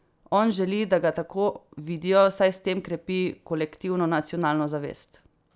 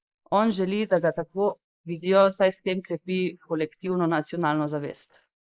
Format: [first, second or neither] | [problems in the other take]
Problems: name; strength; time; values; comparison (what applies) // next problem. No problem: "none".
first | noise reduction (neural mask model Resemble Enhance denoiser)